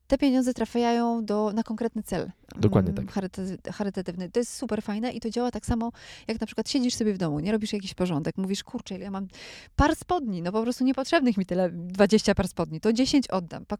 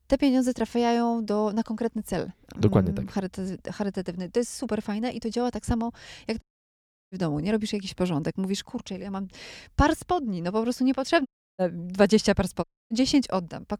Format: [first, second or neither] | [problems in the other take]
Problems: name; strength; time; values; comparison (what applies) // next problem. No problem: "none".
first | audio cutting out; at 6.5 s for 0.5 s, at 11 s and at 13 s